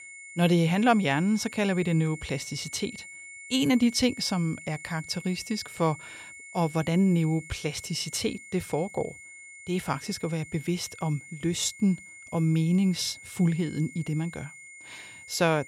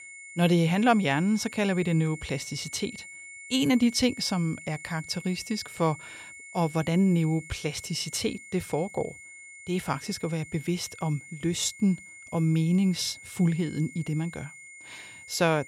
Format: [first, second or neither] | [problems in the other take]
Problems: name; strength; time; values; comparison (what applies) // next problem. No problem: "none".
neither | high-pitched whine; noticeable; throughout; 2 kHz, 15 dB below the speech; the same in both